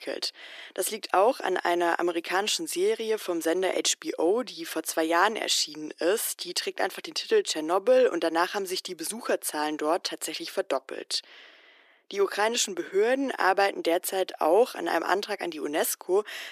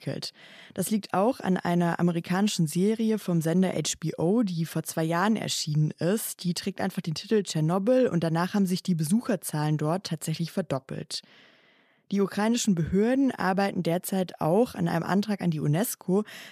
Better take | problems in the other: second | thin; very; fading below 350 Hz

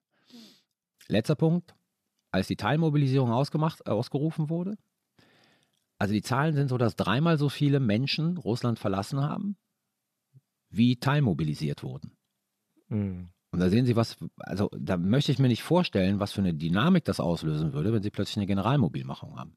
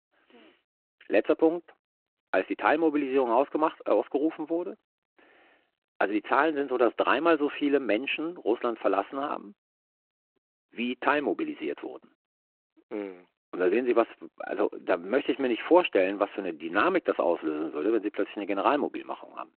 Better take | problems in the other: first | phone-call audio; nothing above 4 kHz

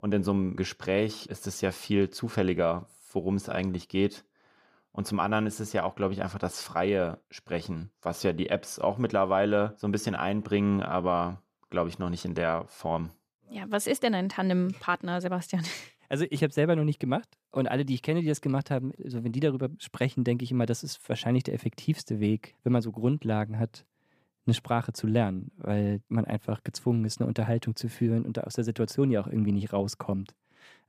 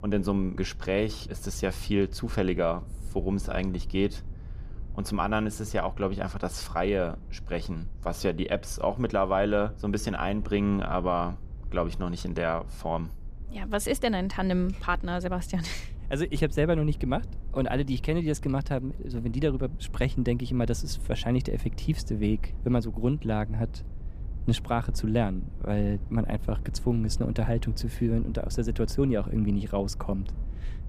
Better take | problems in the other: first | low rumble; faint; throughout; 25 dB below the speech

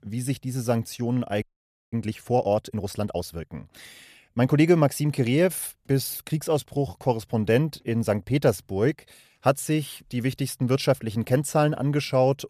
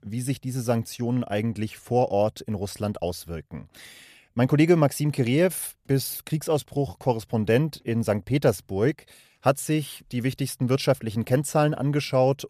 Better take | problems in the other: second | audio freezing; at 1.5 s for 0.5 s

